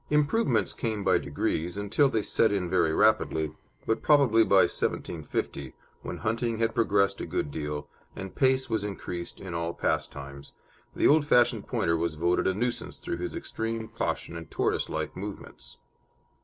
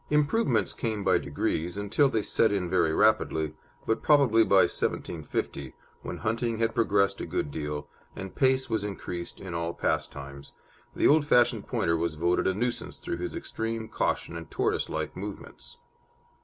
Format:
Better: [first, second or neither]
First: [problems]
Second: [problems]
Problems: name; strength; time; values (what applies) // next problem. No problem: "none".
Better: second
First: noise reduction (neural separator model SepFormer DNS4)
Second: none